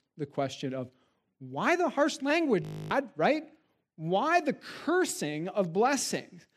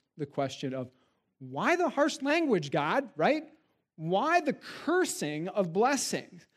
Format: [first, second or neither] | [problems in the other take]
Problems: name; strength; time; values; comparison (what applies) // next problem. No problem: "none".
second | audio freezing; at 2.5 s